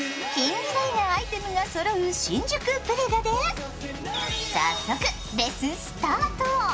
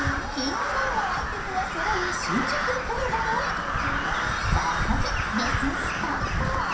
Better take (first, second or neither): first